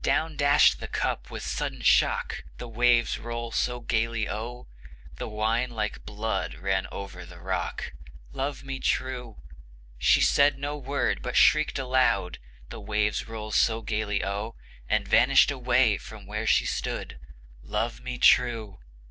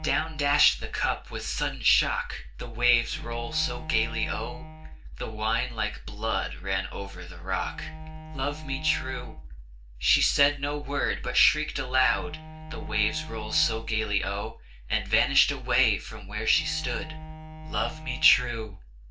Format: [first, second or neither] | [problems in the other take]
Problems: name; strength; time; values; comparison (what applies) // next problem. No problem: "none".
first | background sound (Bowed string instrument); 18 dB below the speech // room echo; dies away in 0.2 s